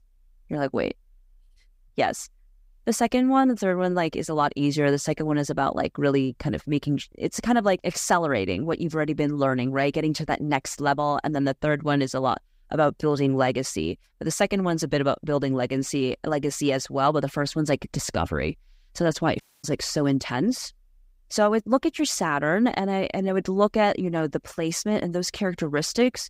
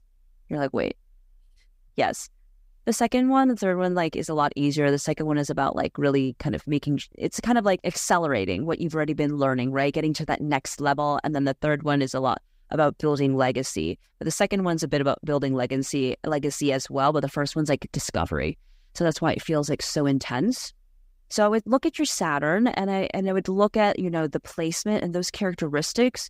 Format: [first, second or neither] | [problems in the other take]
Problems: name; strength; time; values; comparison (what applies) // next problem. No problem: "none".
second | audio cutting out; at 19 s